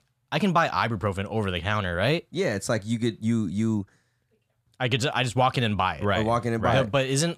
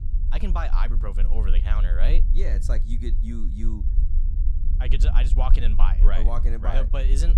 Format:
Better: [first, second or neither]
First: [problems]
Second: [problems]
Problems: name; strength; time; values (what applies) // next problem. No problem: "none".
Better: first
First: none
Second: low rumble; noticeable; throughout; 10 dB below the speech